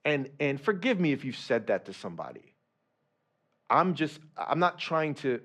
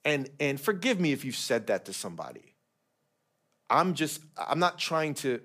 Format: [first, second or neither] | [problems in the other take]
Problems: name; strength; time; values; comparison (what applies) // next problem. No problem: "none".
second | muffled; slightly; fading above 3 kHz